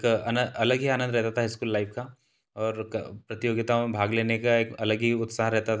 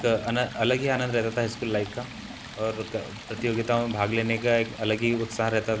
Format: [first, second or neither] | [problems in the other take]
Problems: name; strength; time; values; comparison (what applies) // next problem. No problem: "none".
first | background sound (Stream); 13 dB below the speech